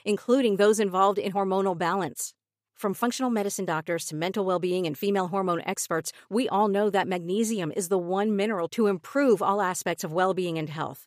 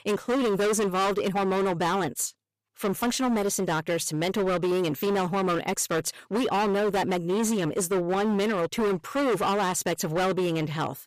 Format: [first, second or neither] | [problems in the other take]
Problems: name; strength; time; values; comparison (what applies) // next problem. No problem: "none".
first | distortion; heavy; 24% of the sound clipped